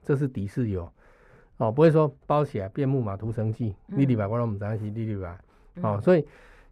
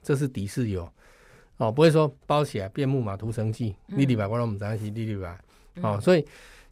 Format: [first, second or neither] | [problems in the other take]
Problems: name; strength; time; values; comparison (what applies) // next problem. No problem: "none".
second | muffled; slightly; fading above 2.5 kHz